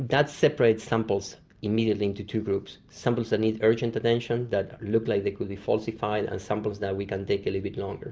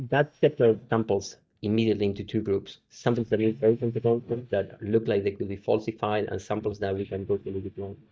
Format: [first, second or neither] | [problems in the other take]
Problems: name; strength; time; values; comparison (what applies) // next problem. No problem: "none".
first | noise reduction (neural mask model DeepFilterNet 3)